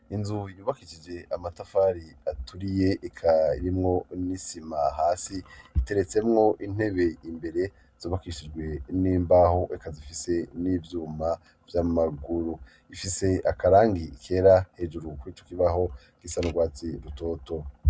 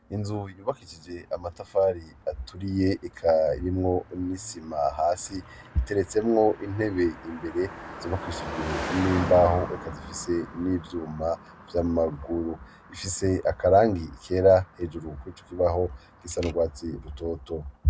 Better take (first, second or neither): first